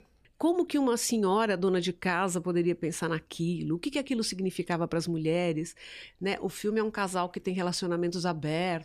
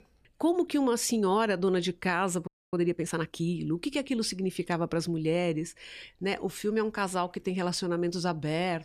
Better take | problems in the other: first | audio freezing; at 2.5 s

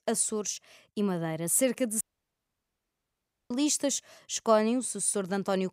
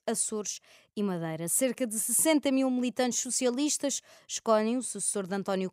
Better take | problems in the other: second | audio cutting out; at 2 s for 1.5 s

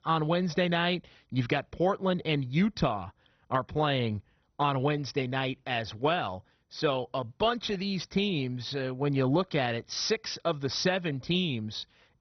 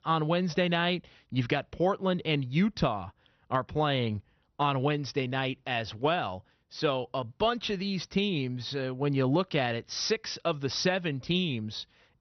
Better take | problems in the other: second | garbled, watery; badly; nothing above 6 kHz; slightly in the second

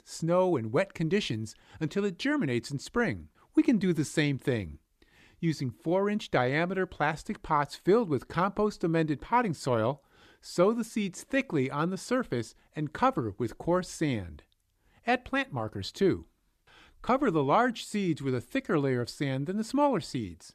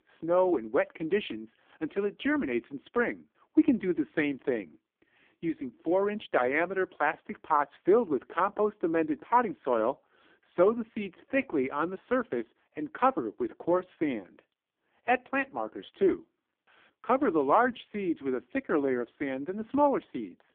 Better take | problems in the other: first | phone-call audio; poor line

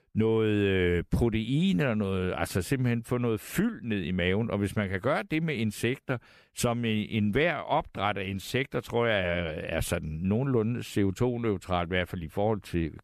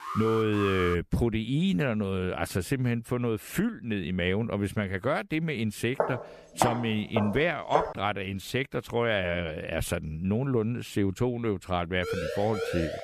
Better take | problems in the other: first | alarm; noticeable; at the start; peak 6 dB below the speech // footsteps; noticeable; from 6 to 8 s; peak level with the speech // siren; noticeable; from 12 s on; peak 4 dB below the speech

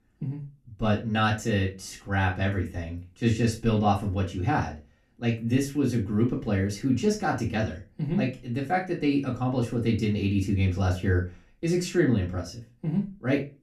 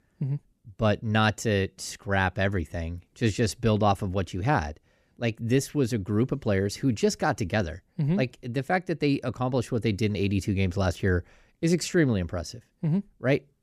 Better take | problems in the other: second | off-mic speech; far // room echo; very slight; dies away in 0.2 s

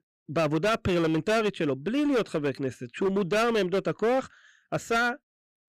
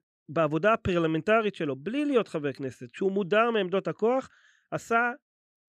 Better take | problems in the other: second | distortion; heavy; 15% of the sound clipped

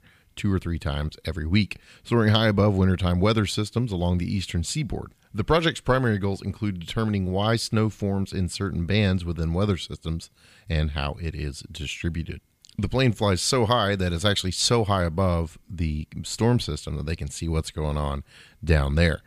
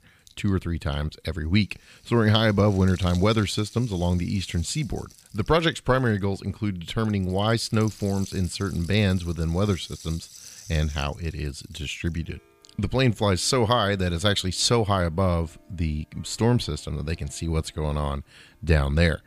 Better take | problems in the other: first | background music; faint; throughout; 20 dB below the speech

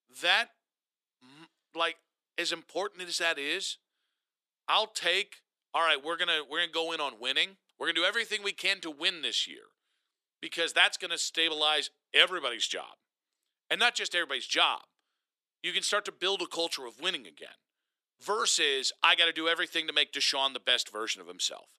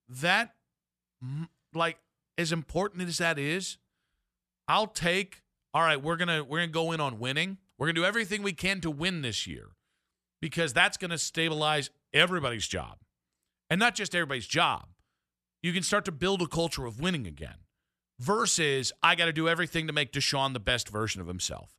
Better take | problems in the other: second | thin; very; fading below 300 Hz

